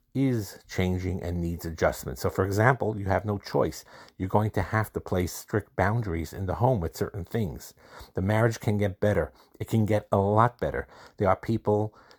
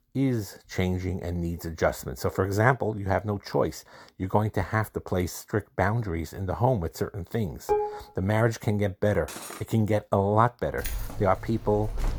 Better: first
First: none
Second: clattering dishes; noticeable; at 7.5 s; peak level with the speech // clattering dishes; faint; at 9.5 s; peak 10 dB below the speech // jangling keys; noticeable; from 11 s on; peak 7 dB below the speech

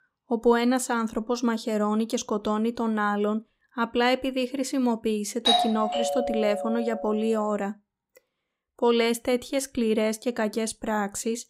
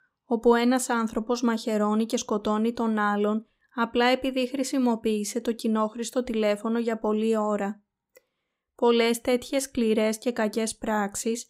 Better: second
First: doorbell; loud; from 5.5 to 7 s; peak 5 dB above the speech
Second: none

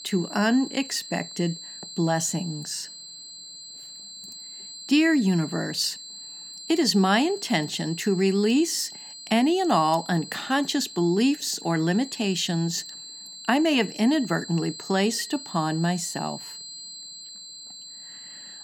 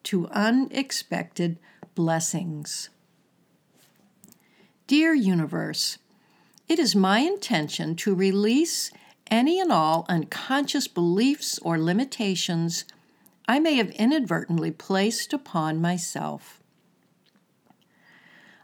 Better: second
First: high-pitched whine; noticeable; throughout; 4 kHz, 15 dB below the speech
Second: none

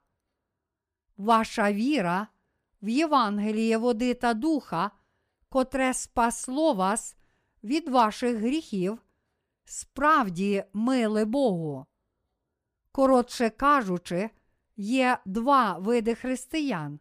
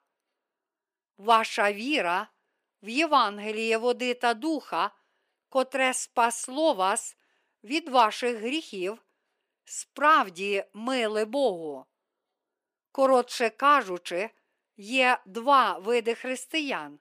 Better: first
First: none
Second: thin; somewhat; fading below 350 Hz

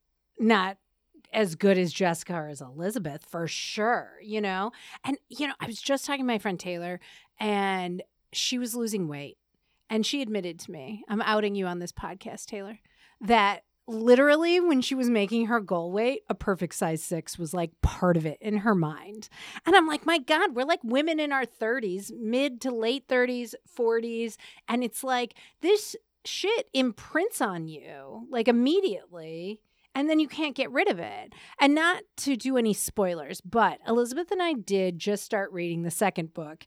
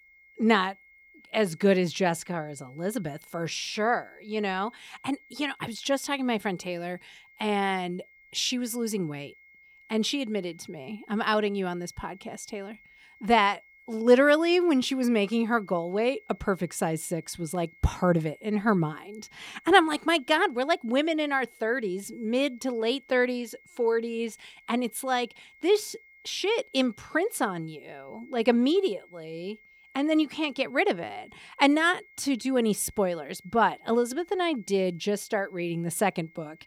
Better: first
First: none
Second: high-pitched whine; faint; throughout; 2 kHz, 25 dB below the speech

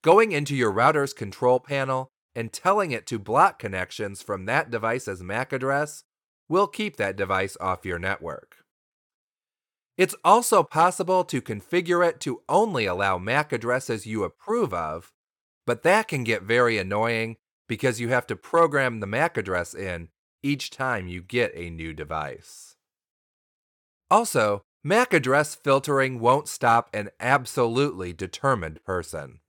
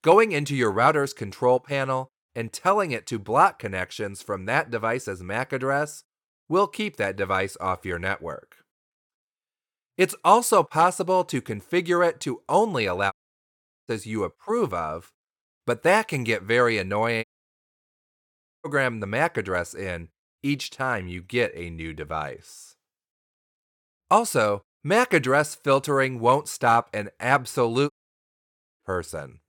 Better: first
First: none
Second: audio cutting out; at 13 s for 1 s, at 17 s for 1.5 s and at 28 s for 1 s

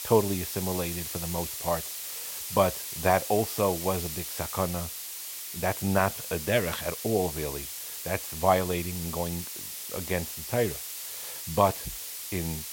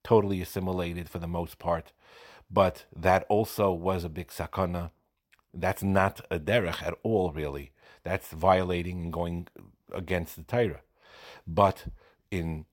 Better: second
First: hiss; loud; throughout; 5 dB below the speech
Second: none

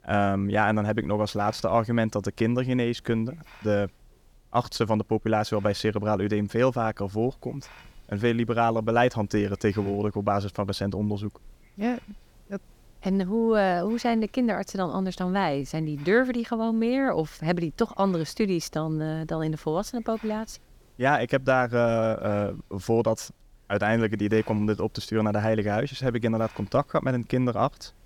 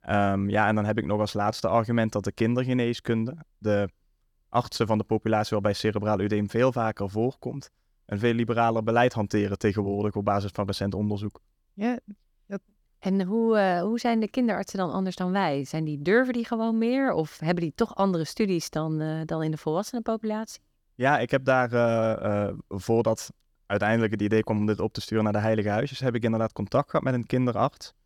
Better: second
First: hiss; faint; throughout; 30 dB below the speech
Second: none

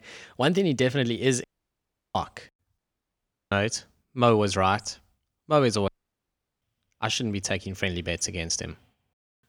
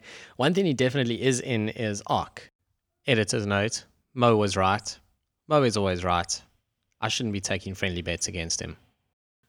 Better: second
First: audio cutting out; at 1.5 s for 0.5 s, at 3 s for 0.5 s and at 6 s for 0.5 s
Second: none

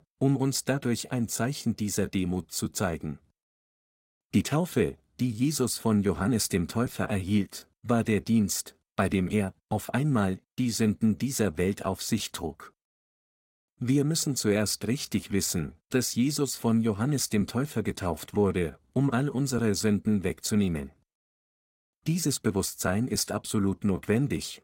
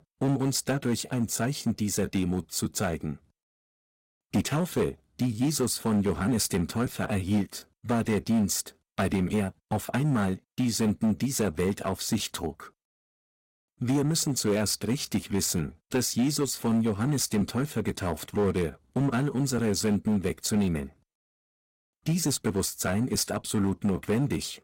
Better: first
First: none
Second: distortion; slight; 6% of the sound clipped

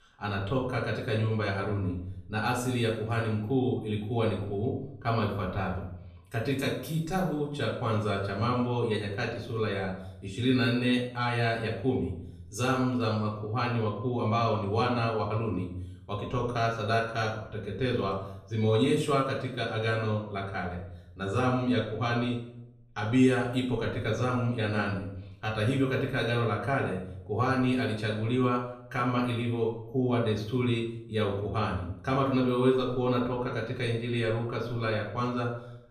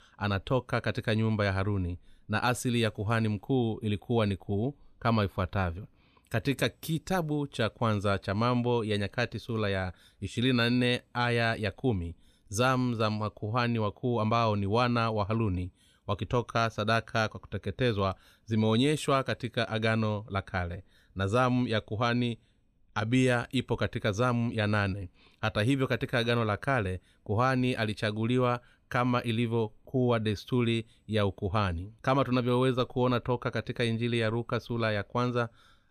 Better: second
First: off-mic speech; far // room echo; noticeable; dies away in 0.6 s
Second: none

